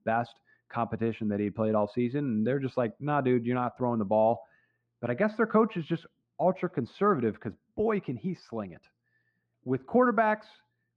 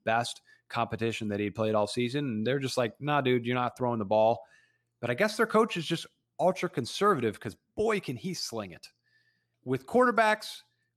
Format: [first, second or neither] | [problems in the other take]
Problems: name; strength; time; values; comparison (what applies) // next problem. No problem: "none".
second | muffled; very; fading above 1.5 kHz